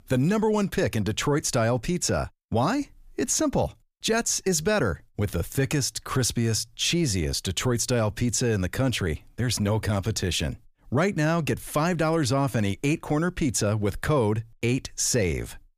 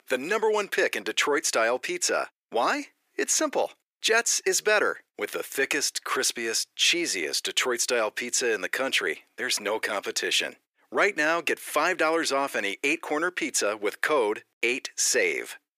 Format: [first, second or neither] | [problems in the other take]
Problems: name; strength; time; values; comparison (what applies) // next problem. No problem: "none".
first | thin; very; fading below 350 Hz